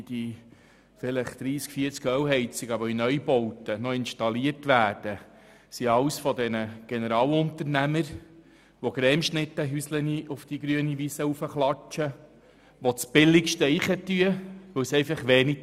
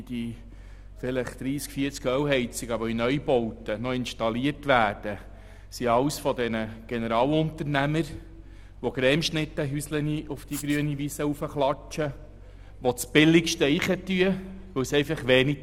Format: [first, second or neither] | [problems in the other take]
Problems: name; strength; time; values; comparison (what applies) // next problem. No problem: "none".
first | background sound (Writing + Mechanical fan); 18 dB below the speech